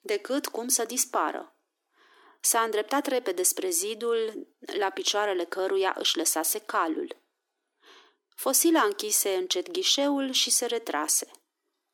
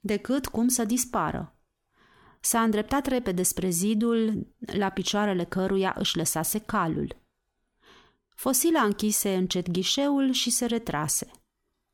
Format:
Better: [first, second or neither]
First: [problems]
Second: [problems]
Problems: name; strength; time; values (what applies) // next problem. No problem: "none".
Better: second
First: thin; somewhat; fading below 300 Hz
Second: none